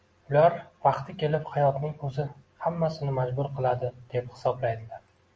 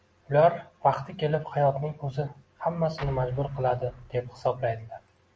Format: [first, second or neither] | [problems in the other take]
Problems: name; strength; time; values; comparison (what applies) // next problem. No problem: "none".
first | background sound (Explosion); 17 dB below the speech